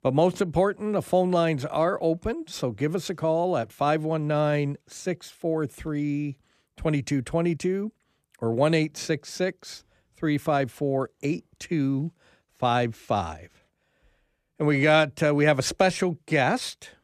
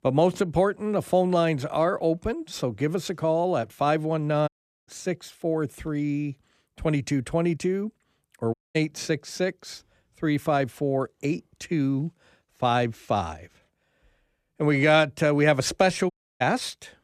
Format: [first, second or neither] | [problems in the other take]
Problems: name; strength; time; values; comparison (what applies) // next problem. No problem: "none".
first | audio cutting out; at 4.5 s, at 8.5 s and at 16 s